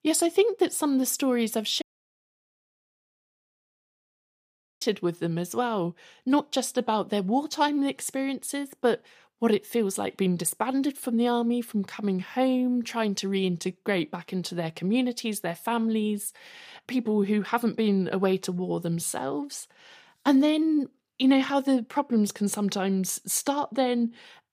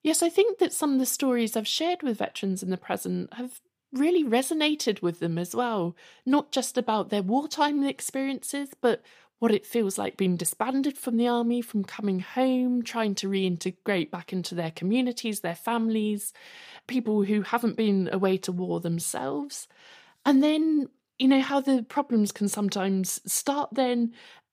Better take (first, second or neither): second